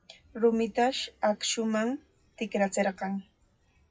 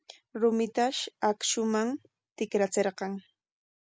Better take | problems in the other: second | noise reduction (classical method WPE with log-MMSE)

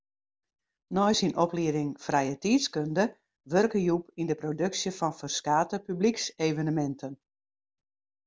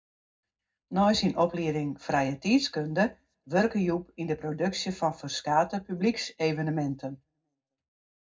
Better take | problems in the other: first | room echo; dies away in 0.3 s

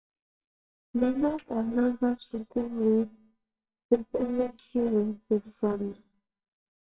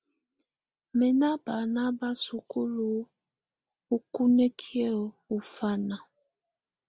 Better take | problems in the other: second | noise reduction (neural separator model SepFormer WHAMR!)

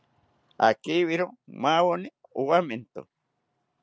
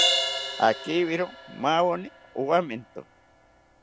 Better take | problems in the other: first | background sound (Crash cymbal); 4 dB below the speech

